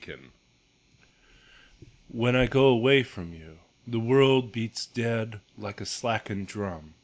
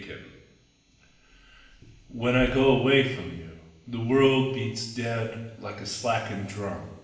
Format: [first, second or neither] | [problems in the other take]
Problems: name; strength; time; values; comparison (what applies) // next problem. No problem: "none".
first | room echo; dies away in 1 s